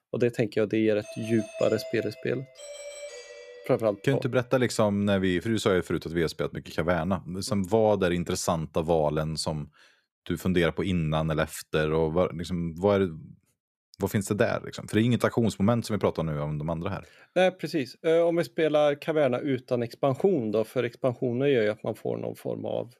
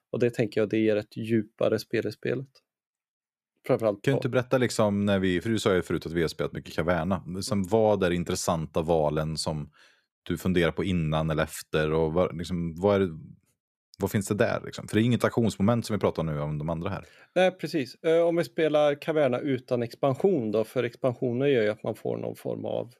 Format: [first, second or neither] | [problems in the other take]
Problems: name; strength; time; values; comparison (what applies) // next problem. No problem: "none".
second | doorbell; faint; from 1 to 4 s; peak 10 dB below the speech